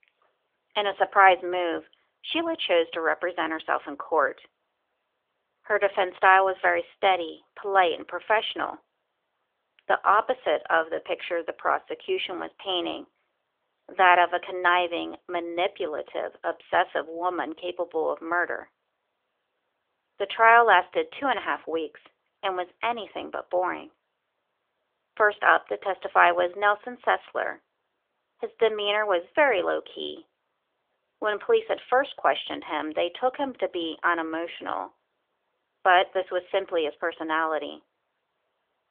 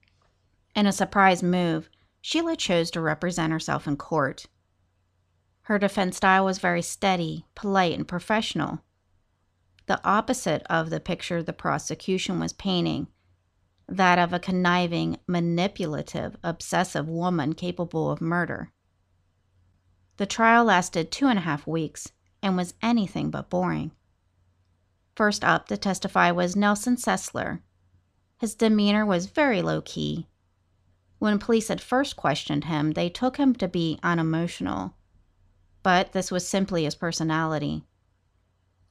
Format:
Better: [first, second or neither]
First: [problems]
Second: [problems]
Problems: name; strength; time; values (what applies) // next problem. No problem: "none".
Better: second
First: phone-call audio; nothing above 3.5 kHz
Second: none